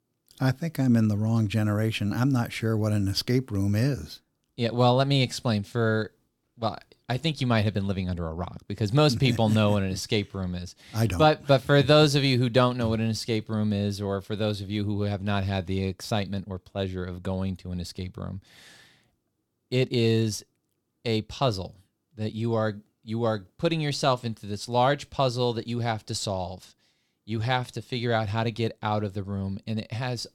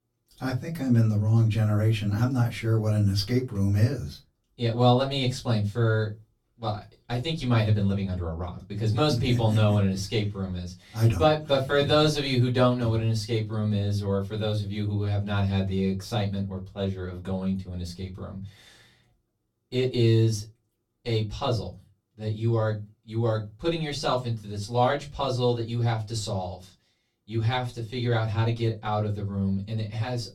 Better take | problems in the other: first | off-mic speech; far // room echo; very slight; dies away in 0.2 s

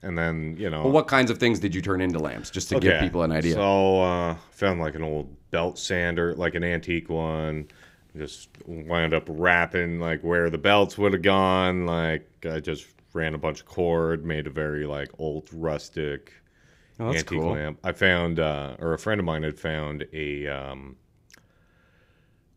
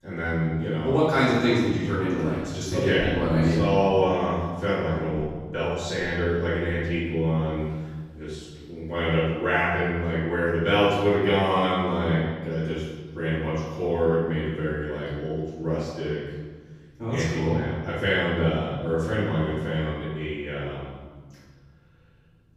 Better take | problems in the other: first | off-mic speech; far // room echo; strong; dies away in 1.5 s

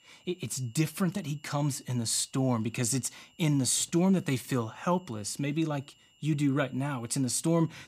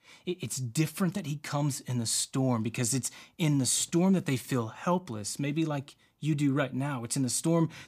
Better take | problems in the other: second | high-pitched whine; faint; throughout; 3 kHz, 30 dB below the speech

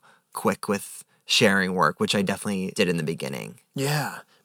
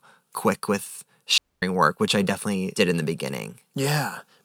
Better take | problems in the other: first | audio cutting out; at 1.5 s

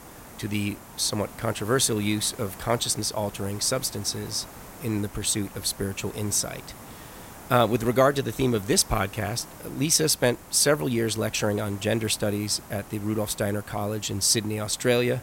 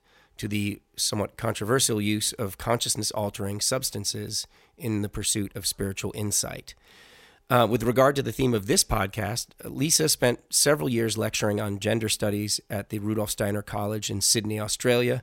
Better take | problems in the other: second | hiss; noticeable; throughout; 20 dB below the speech

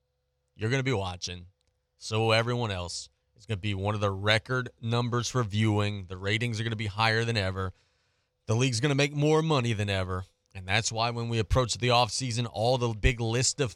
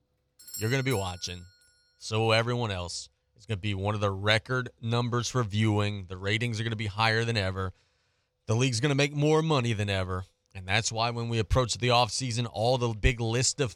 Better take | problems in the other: first | doorbell; faint; at 0.5 s; peak 10 dB below the speech

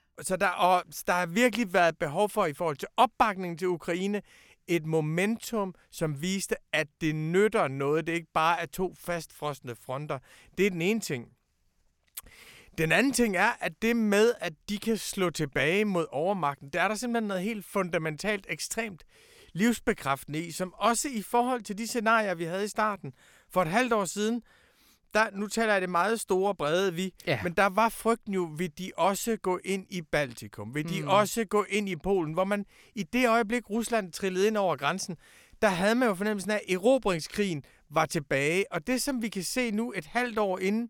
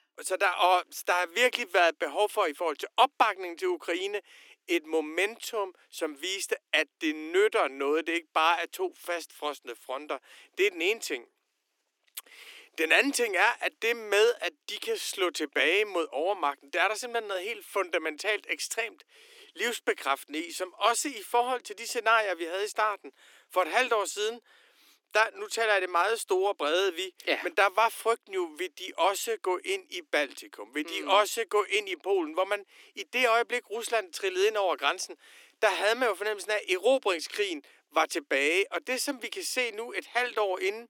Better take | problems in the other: first | thin; somewhat; fading below 300 Hz

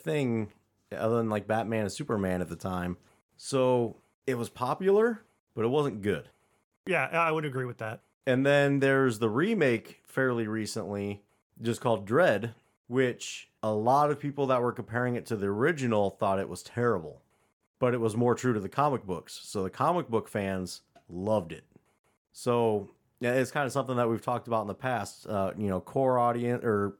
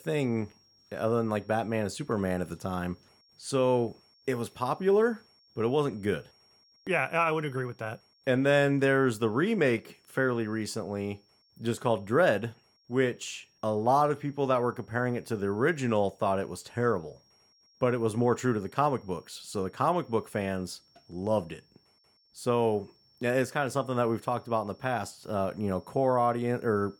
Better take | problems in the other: first | high-pitched whine; faint; throughout; 5.5 kHz, 35 dB below the speech

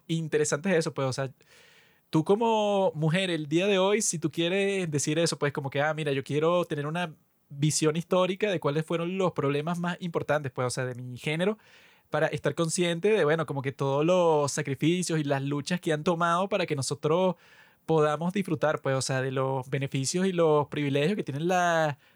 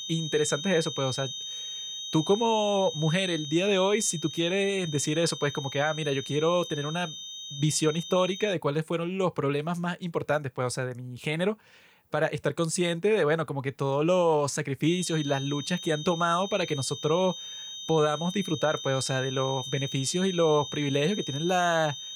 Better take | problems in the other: first | high-pitched whine; loud; until 8.5 s and from 15 s on; 3.5 kHz, 8 dB below the speech

